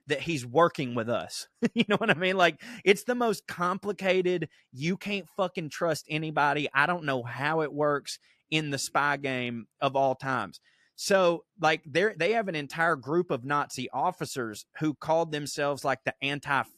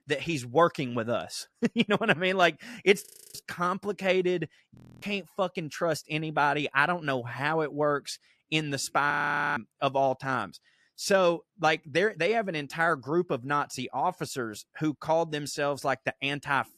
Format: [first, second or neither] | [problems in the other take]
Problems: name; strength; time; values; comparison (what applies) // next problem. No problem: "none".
first | audio freezing; at 3 s, at 5 s and at 9 s